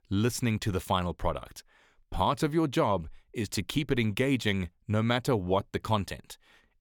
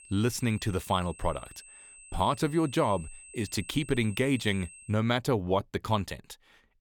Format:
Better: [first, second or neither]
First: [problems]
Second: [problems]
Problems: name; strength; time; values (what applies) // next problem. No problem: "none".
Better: first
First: none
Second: high-pitched whine; noticeable; until 5 s; 8 kHz, 20 dB below the speech